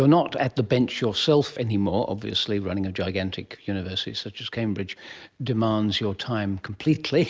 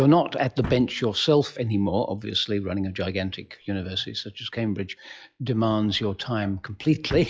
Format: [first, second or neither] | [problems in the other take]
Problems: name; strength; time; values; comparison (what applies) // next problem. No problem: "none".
first | noise reduction (classical method log-MMSE)